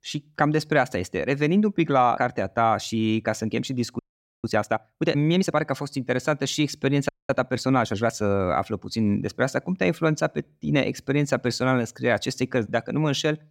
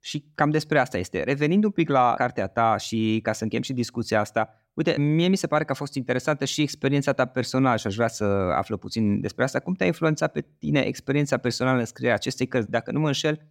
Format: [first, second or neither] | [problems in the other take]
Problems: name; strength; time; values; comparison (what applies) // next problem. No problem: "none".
second | audio freezing; at 4 s and at 7 s